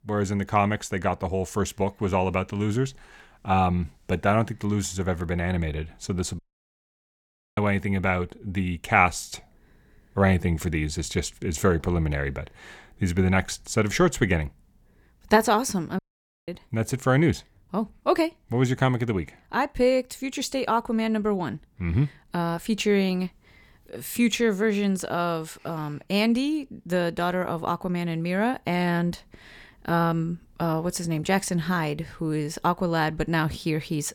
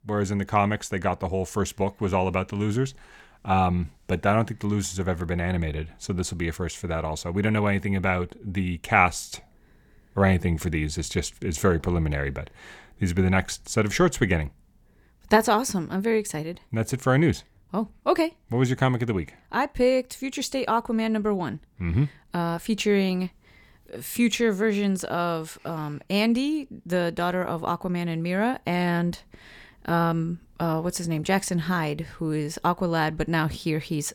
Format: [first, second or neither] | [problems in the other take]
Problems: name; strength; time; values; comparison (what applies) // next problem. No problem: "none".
second | audio cutting out; at 6.5 s for 1 s and at 16 s